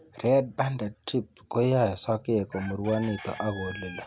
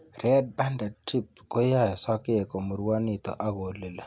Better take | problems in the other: second | background sound (Chicken, rooster); 18 dB below the speech

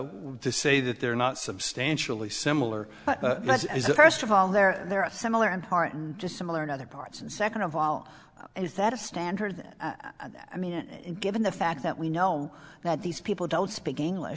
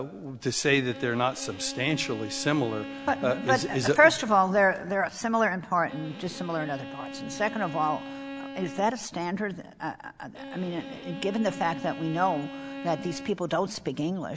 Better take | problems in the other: first | background sound (Bowed string instrument); 12 dB below the speech

